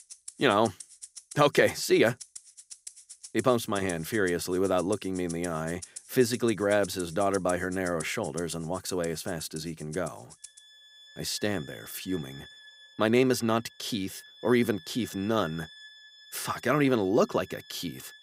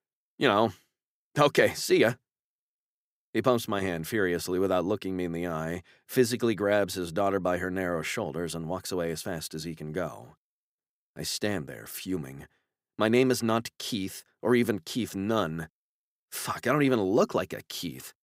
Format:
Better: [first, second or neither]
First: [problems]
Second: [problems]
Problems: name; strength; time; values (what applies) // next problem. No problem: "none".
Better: second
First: background music; noticeable; throughout; 15 dB below the speech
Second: none